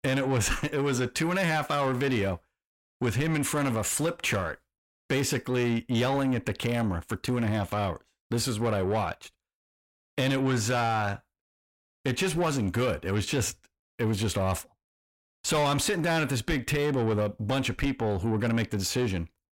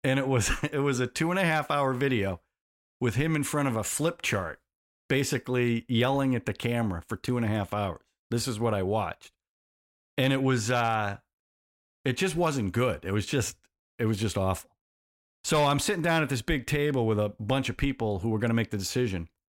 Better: second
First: distortion; slight; 10 dB below the speech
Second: none

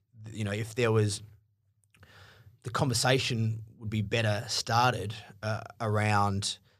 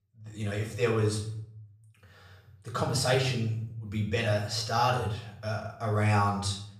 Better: first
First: none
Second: room echo; slight; dies away in 0.6 s // off-mic speech; far

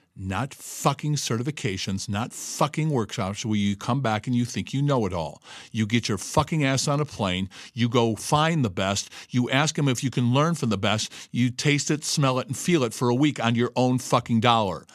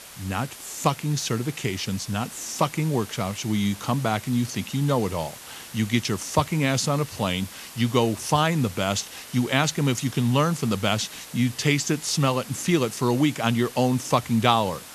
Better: first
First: none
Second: hiss; noticeable; throughout; 15 dB below the speech

